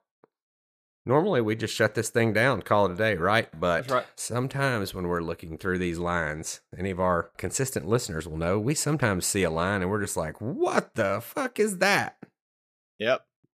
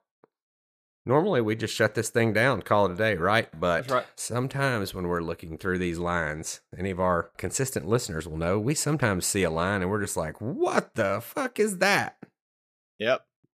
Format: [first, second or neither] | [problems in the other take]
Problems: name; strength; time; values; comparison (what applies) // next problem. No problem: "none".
neither | none